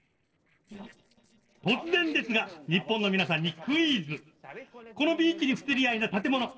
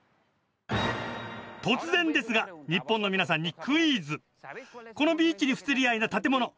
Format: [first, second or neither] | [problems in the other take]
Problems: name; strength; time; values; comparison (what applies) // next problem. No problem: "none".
second | noise reduction (neural separator model SepFormer DNS4)